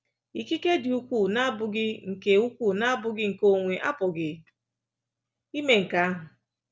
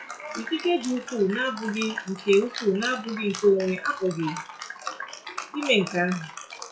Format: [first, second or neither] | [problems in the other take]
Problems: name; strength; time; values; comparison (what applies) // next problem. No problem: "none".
first | noise reduction (classical method WPE with log-MMSE)